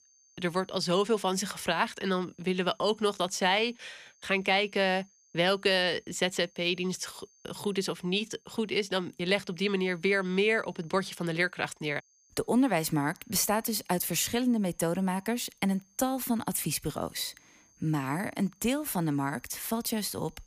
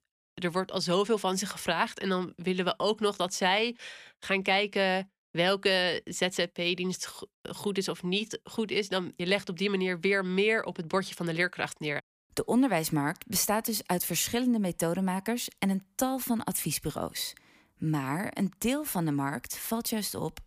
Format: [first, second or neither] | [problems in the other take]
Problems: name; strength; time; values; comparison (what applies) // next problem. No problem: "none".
second | high-pitched whine; faint; throughout; 6.5 kHz, 35 dB below the speech